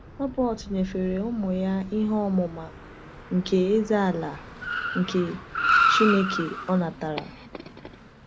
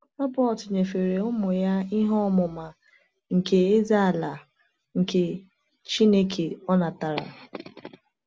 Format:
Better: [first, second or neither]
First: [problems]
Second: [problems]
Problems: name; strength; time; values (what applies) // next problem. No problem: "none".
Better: second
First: background sound (Car); 4 dB below the speech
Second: none